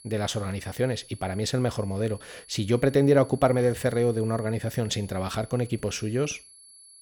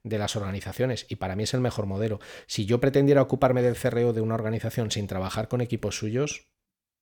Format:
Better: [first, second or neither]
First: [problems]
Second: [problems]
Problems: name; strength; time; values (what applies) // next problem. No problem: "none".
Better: second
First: high-pitched whine; faint; throughout; 11 kHz, 20 dB below the speech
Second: none